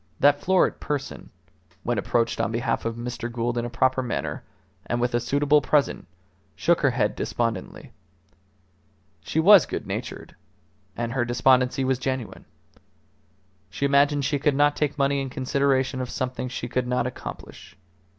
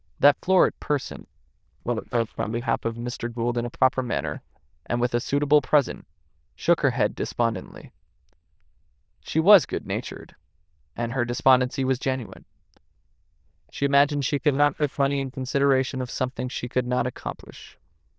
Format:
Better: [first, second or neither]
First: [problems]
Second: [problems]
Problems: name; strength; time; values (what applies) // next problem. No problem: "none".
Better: first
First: none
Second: noise reduction (neural diffusion model UNIVERSE++)